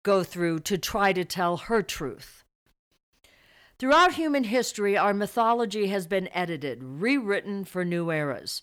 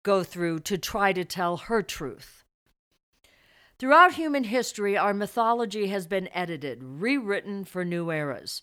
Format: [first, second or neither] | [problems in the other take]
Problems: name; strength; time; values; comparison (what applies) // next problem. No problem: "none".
second | distortion; slight; 10 dB below the speech